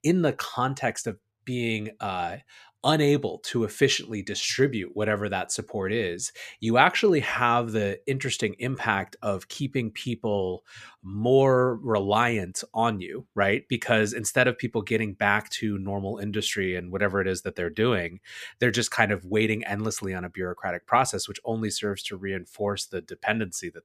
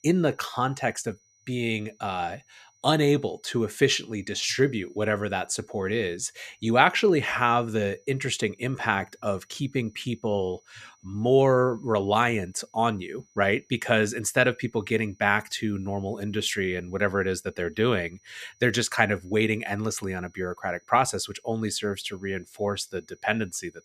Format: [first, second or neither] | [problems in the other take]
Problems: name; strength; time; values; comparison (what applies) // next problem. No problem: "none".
first | high-pitched whine; faint; throughout; 6 kHz, 35 dB below the speech